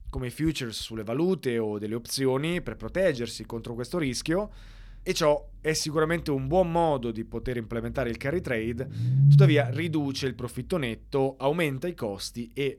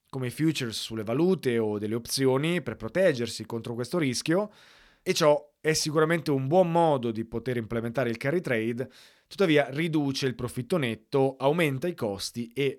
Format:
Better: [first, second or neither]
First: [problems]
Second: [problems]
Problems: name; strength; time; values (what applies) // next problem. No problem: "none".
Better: second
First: low rumble; loud; throughout; 4 dB below the speech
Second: none